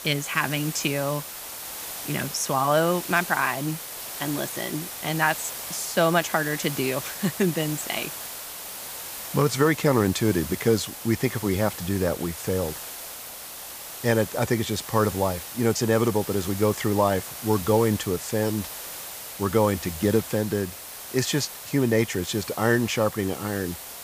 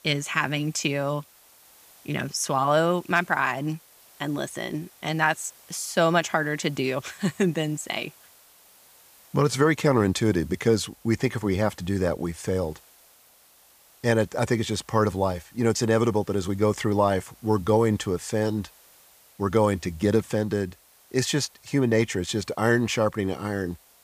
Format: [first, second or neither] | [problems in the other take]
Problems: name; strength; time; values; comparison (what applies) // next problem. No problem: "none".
second | hiss; loud; throughout; 9 dB below the speech; faint in the second